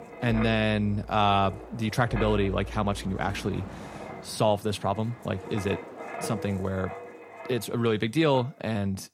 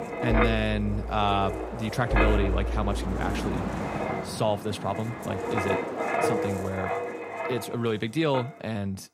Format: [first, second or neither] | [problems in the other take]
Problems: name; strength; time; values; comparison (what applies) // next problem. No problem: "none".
first | wind noise on the microphone; heavy; as loud as the speech; occasional gusts in the first